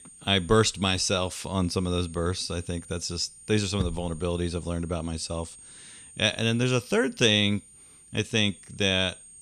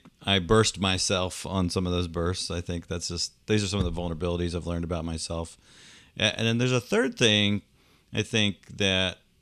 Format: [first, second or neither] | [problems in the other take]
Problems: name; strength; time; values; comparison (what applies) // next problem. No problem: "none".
second | high-pitched whine; faint; throughout; 8.5 kHz, 20 dB below the speech